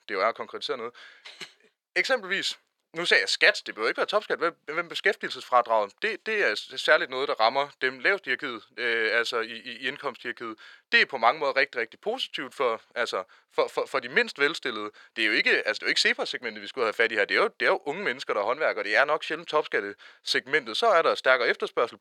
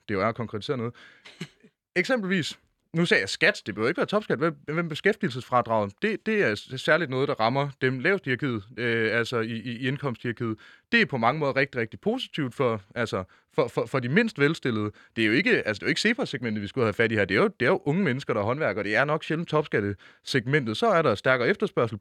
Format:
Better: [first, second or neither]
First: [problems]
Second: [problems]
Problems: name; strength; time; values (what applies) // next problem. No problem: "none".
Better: second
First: thin; very; fading below 600 Hz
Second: none